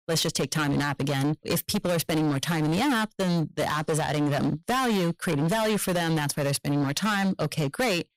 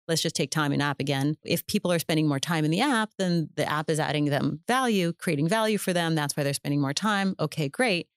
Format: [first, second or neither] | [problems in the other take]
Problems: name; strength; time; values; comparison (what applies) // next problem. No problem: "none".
second | distortion; heavy; 24% of the sound clipped